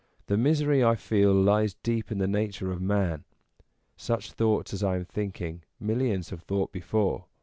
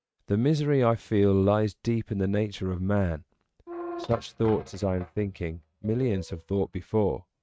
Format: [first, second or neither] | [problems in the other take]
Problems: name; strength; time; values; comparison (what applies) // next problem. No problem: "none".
first | noise reduction (neural mask model RNNoise)